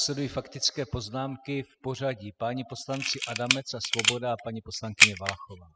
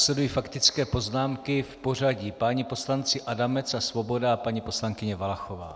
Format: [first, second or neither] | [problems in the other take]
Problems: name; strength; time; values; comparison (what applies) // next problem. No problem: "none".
second | noise reduction (classical method spectral subtraction)